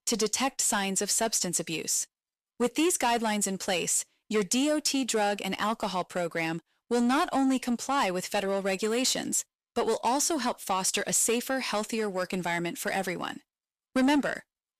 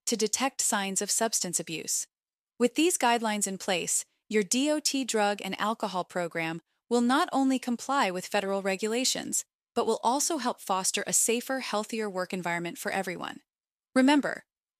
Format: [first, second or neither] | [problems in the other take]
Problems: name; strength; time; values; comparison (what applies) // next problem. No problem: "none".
second | distortion; slight; 10 dB below the speech